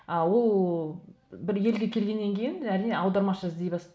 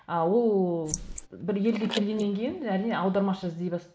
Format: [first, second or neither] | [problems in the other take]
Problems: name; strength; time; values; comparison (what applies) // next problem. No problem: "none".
first | noise reduction (neural mask model Resemble Enhance denoiser)